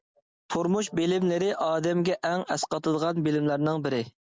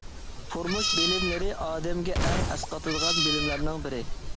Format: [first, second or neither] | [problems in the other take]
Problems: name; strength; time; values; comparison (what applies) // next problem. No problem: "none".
first | background sound (Meow + Glass); 3 dB above the speech